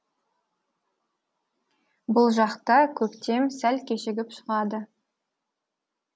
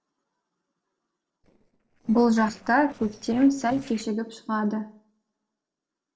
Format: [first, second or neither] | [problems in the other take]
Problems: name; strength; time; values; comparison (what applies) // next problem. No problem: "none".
first | noise reduction (neural separator model SepFormer DNS4)